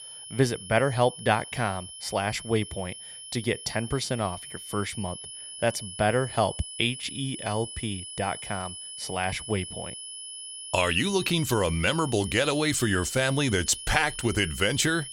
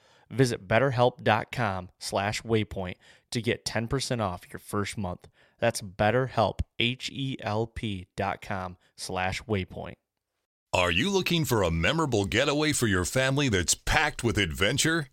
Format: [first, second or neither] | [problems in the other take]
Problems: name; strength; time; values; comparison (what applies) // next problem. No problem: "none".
second | high-pitched whine; noticeable; throughout; 10.5 kHz, 10 dB below the speech